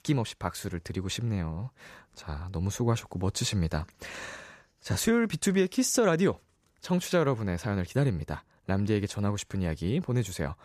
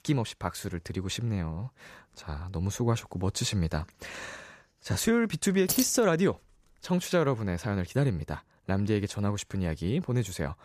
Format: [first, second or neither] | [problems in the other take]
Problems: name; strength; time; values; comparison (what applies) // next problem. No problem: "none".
first | jangling keys; loud; at 5.5 s; peak level with the speech